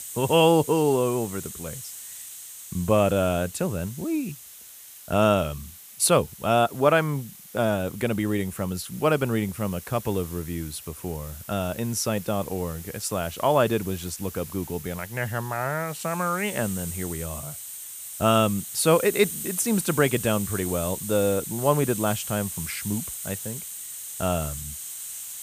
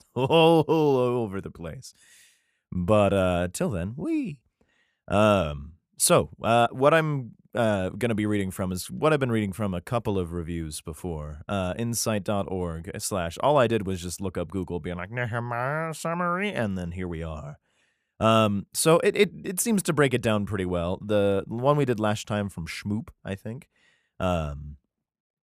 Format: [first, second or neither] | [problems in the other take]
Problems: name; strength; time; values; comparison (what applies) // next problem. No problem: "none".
second | hiss; noticeable; throughout; 10 dB below the speech